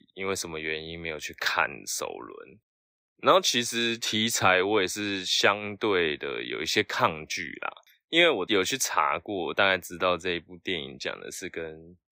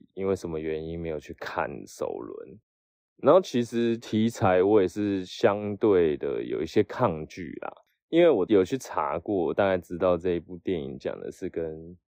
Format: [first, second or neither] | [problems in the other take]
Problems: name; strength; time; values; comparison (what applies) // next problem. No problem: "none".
first | muffled; slightly; fading above 1 kHz